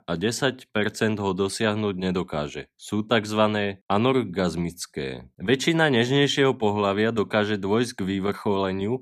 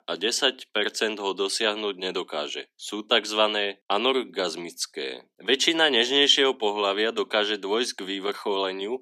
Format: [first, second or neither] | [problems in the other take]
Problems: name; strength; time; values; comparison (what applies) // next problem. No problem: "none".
first | thin; somewhat; fading below 300 Hz